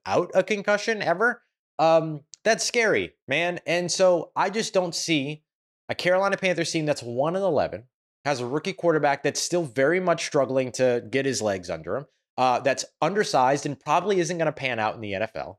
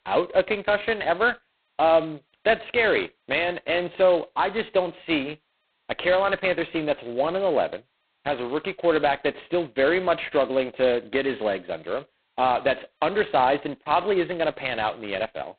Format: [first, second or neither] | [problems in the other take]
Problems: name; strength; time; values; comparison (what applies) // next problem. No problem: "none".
first | phone-call audio; poor line; nothing above 4 kHz